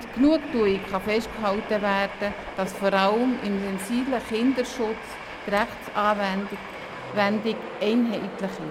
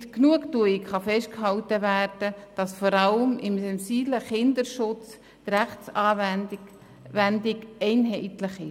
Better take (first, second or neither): second